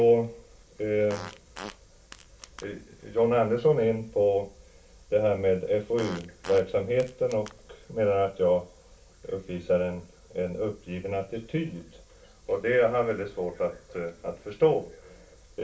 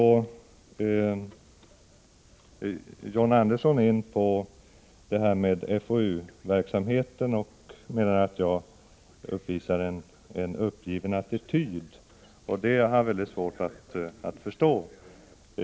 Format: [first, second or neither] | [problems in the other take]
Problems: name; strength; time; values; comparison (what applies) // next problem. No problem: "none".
second | background sound (Fart); 18 dB below the speech // room echo; dies away in 0.3 s